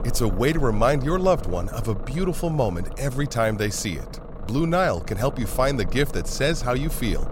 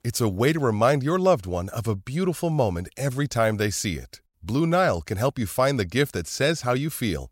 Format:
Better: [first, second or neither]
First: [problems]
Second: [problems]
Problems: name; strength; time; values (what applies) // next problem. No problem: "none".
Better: second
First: low rumble; noticeable; throughout; 15 dB below the speech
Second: none